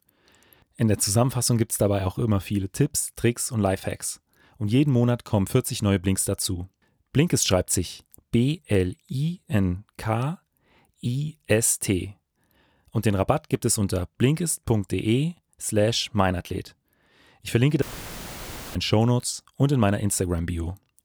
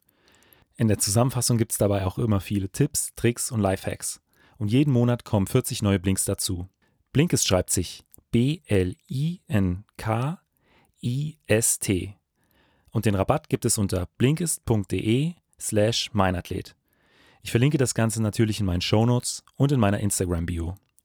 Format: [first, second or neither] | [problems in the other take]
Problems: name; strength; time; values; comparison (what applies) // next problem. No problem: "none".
second | audio cutting out; filled with static; at 18 s for 1 s